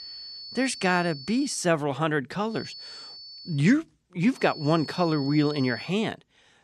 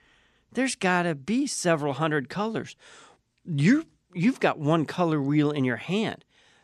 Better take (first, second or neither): second